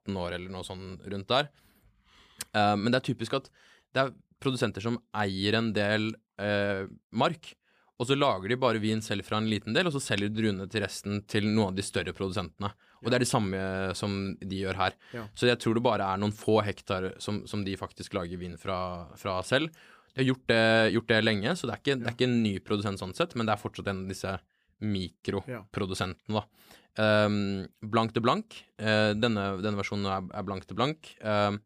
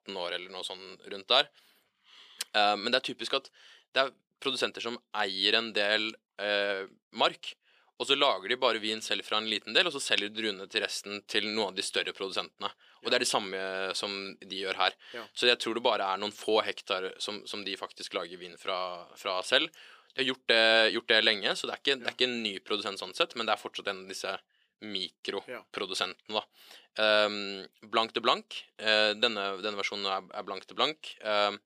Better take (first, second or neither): first